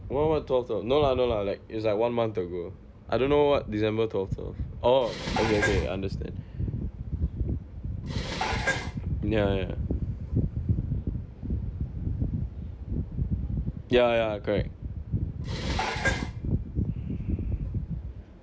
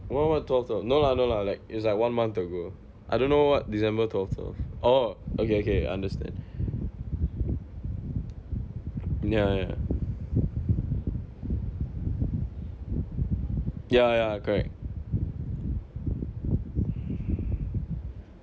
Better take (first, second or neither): second